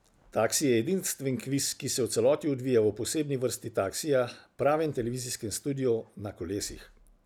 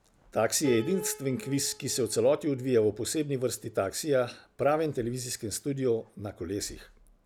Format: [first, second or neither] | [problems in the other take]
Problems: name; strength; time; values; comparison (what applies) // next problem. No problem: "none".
first | background sound (Piano); 18 dB below the speech